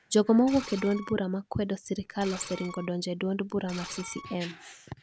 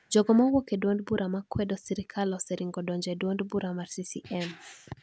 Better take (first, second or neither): second